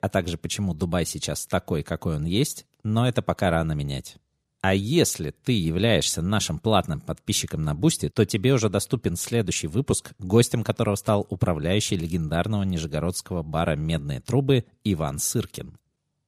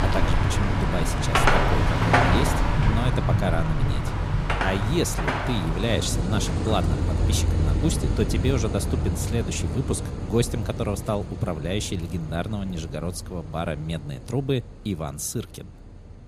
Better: first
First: none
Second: traffic noise; very loud; throughout; 3 dB above the speech

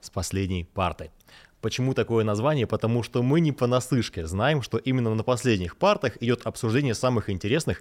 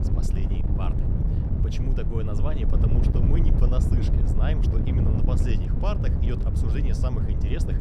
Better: first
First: none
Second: wind noise on the microphone; heavy; 1 dB above the speech

